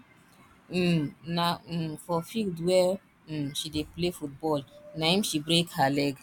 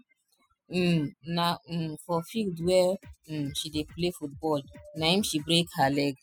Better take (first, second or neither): first